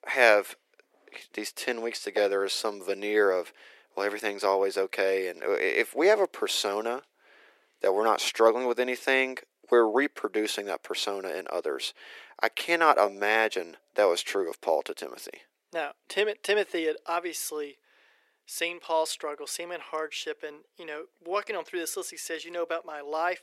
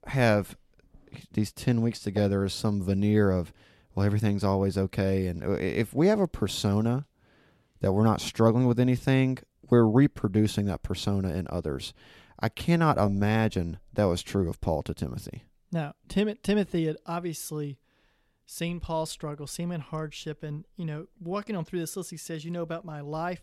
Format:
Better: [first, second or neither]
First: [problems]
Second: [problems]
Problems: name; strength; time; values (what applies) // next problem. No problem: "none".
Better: second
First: thin; very; fading below 400 Hz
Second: none